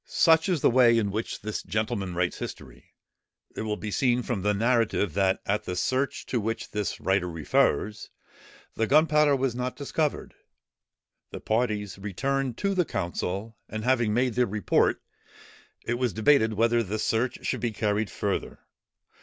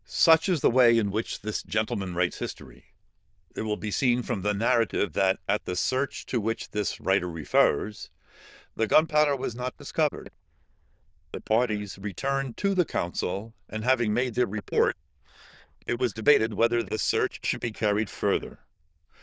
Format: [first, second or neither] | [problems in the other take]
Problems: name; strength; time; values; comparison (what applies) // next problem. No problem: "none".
first | noise reduction (neural diffusion model UNIVERSE++)